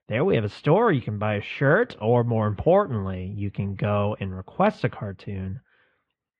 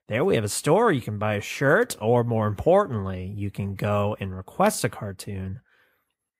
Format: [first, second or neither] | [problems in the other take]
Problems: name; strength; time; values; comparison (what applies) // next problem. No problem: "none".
second | muffled; very; fading above 3 kHz